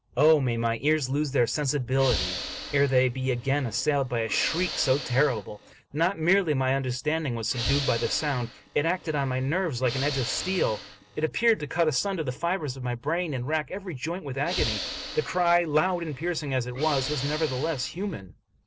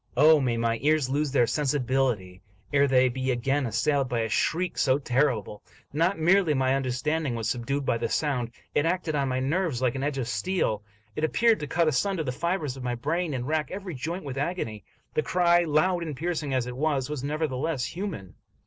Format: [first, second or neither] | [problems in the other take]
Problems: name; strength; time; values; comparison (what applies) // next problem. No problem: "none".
second | background sound (Hiss / Breathing); 9 dB below the speech